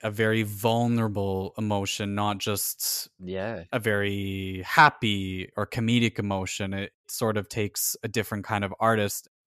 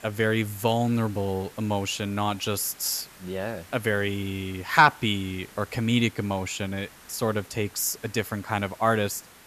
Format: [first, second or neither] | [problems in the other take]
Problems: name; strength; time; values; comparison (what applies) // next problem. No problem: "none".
first | hiss; faint; throughout; 20 dB below the speech